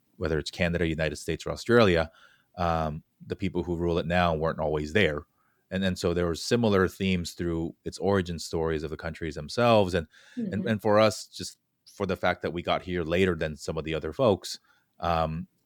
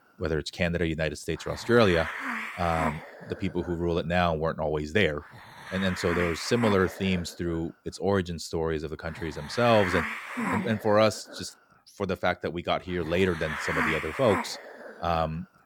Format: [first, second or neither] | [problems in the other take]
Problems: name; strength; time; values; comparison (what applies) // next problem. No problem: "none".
first | hiss; loud; throughout; 6 dB below the speech